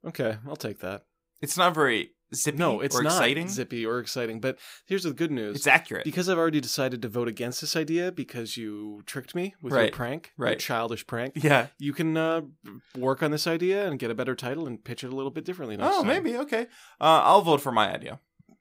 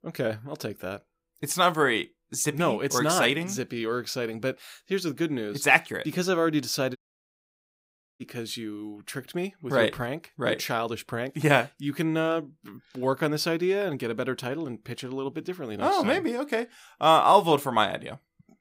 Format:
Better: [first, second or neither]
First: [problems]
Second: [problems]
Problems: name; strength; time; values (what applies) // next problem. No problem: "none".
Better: first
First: none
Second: audio cutting out; at 7 s for 1 s